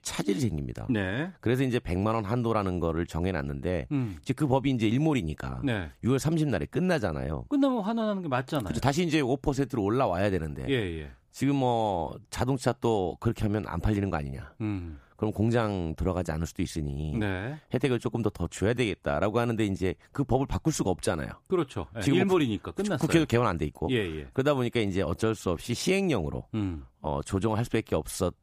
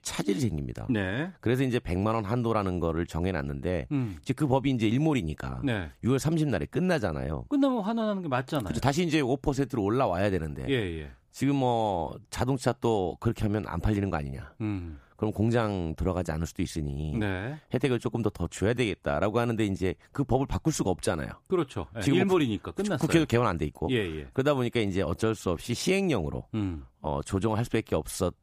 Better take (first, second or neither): neither